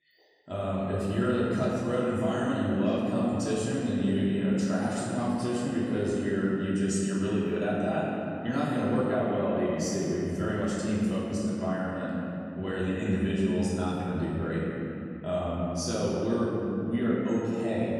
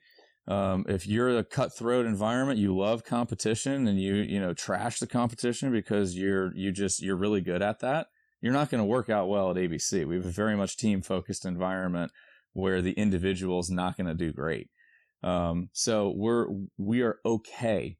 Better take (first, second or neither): second